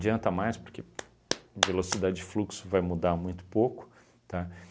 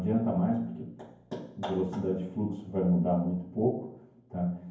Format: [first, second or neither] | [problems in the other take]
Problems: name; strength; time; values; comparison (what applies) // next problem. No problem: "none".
first | room echo; dies away in 0.9 s